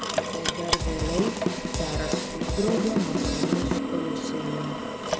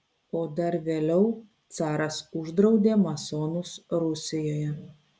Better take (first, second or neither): second